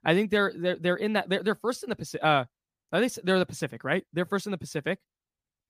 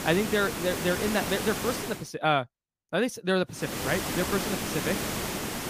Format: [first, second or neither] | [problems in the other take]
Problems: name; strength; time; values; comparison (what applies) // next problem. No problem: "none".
first | hiss; loud; until 2 s and from 3.5 s on; 2 dB below the speech